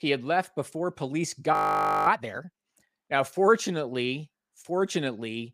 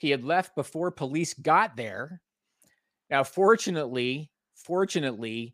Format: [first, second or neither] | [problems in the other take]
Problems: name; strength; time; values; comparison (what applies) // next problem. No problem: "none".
second | audio freezing; at 1.5 s for 0.5 s